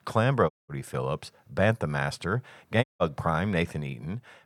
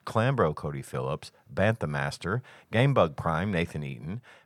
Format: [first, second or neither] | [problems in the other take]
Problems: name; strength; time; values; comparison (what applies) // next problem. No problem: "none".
second | audio cutting out; at 0.5 s and at 3 s